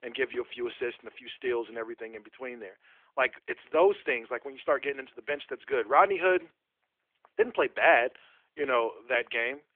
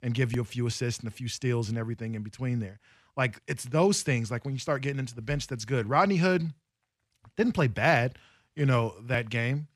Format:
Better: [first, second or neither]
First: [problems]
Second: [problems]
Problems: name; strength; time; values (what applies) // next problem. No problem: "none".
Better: second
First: phone-call audio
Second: none